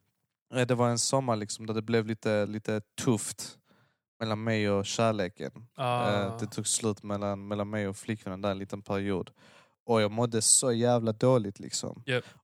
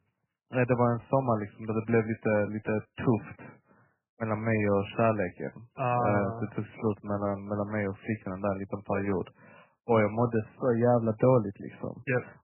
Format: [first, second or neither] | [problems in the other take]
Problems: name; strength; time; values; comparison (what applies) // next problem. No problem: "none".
first | garbled, watery; badly; nothing above 2.5 kHz